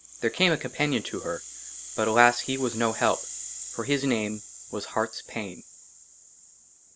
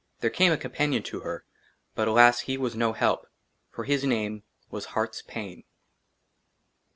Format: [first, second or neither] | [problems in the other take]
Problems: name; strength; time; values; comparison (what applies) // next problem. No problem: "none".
second | background sound (Rattle (instrument)); 12 dB below the speech